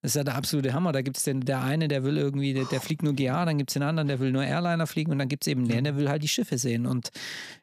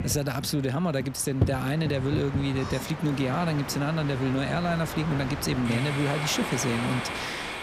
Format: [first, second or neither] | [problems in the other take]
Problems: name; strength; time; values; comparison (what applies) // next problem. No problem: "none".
first | train or aircraft noise; loud; throughout; 6 dB below the speech